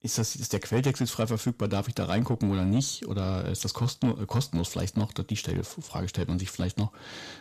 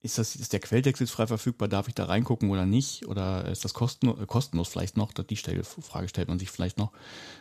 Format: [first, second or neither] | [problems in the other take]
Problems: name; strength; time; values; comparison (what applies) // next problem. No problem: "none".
second | distortion; slight; 10 dB below the speech